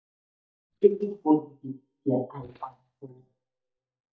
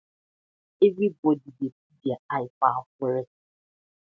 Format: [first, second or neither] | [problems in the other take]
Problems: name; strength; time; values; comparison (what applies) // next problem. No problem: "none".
second | noise reduction (neural mask model DeepFilterNet 3)